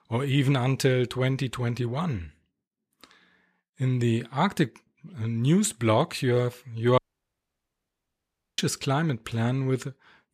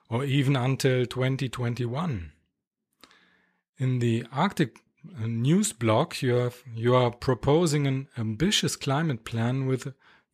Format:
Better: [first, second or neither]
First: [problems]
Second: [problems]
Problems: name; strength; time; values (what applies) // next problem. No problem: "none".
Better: second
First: audio cutting out; at 7 s for 1.5 s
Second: none